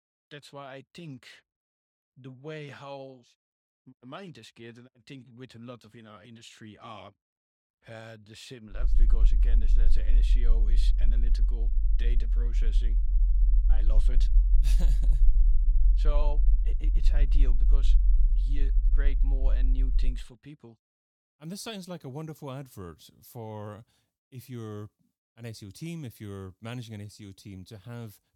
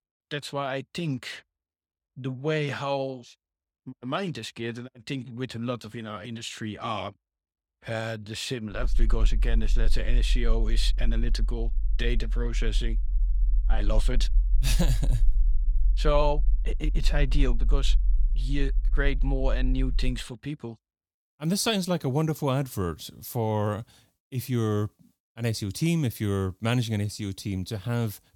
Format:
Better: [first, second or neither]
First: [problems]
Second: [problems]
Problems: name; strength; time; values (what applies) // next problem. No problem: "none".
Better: second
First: low rumble; loud; from 9 to 20 s; 8 dB below the speech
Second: low rumble; faint; from 9 to 20 s; 20 dB below the speech